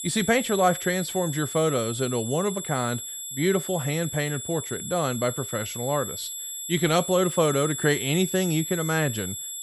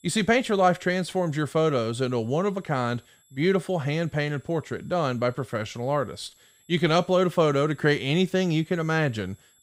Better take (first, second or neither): second